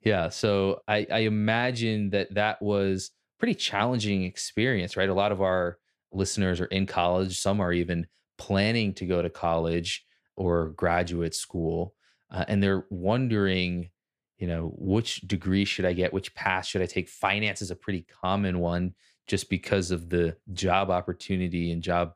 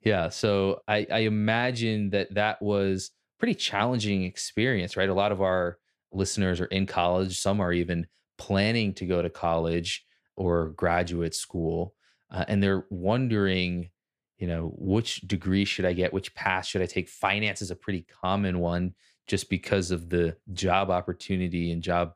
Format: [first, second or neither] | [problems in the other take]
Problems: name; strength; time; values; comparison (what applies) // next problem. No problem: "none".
neither | none